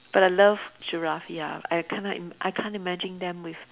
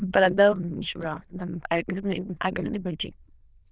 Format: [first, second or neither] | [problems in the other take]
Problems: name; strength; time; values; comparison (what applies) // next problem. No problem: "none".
first | noise reduction (neural diffusion model UNIVERSE++)